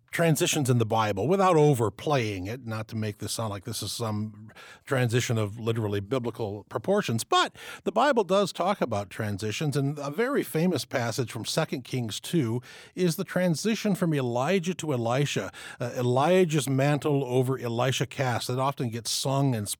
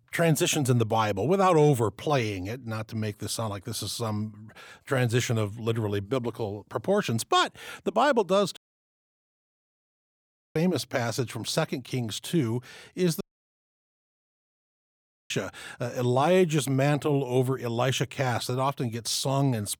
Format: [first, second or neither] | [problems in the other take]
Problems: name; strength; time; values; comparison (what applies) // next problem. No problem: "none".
first | audio cutting out; at 8.5 s for 2 s and at 13 s for 2 s